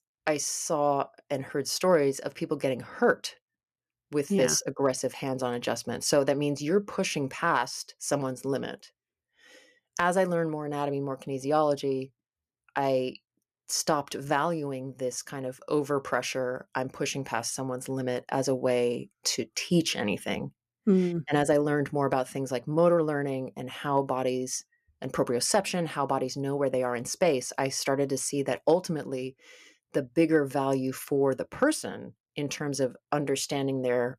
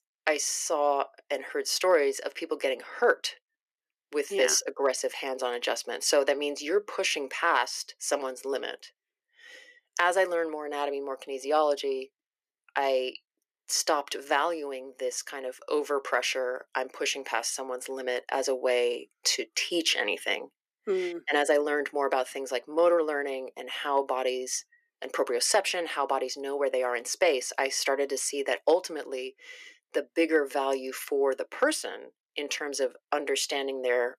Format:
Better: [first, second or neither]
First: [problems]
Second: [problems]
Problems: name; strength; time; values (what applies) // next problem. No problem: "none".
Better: first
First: none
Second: thin; somewhat; fading below 350 Hz